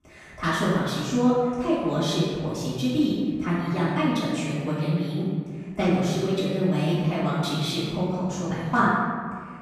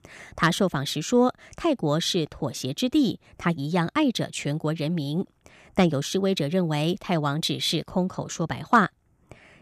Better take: second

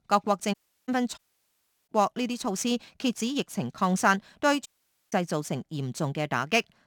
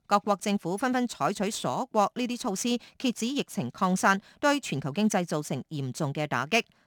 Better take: second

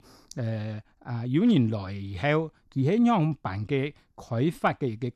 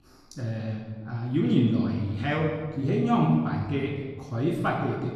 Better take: first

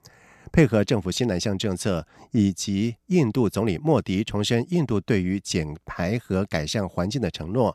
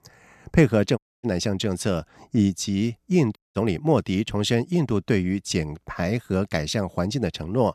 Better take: first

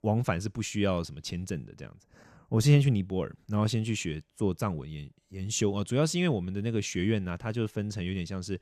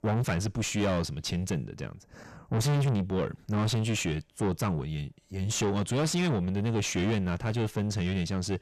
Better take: first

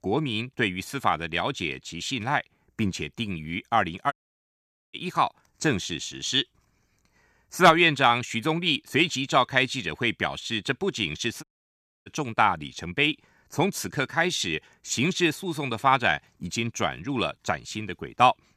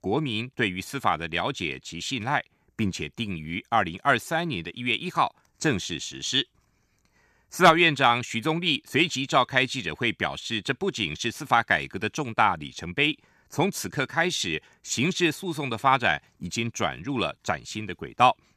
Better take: second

